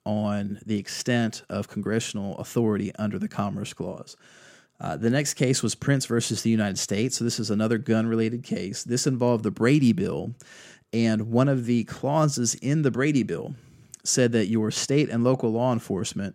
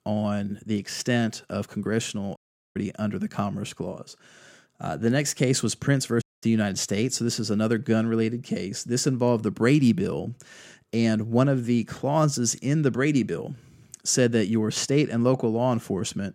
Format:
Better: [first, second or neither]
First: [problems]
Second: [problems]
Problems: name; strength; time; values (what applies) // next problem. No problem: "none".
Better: first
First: none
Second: audio cutting out; at 2.5 s and at 6 s